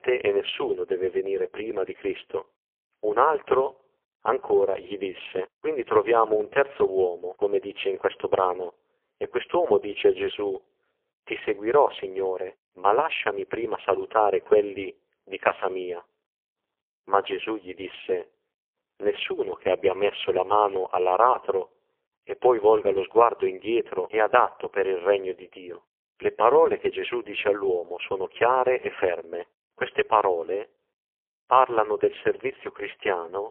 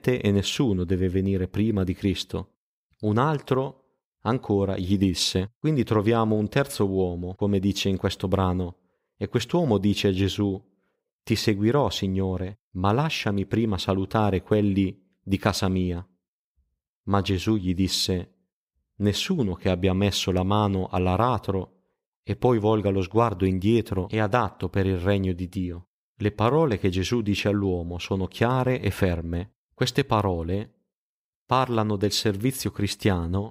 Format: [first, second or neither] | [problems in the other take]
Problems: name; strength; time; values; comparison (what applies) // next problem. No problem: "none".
second | phone-call audio; poor line; nothing above 3.5 kHz